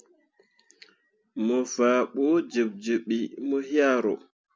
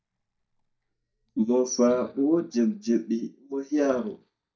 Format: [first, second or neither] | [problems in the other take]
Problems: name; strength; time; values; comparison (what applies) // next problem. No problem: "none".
first | noise reduction (neural mask model DeepFilterNet 3)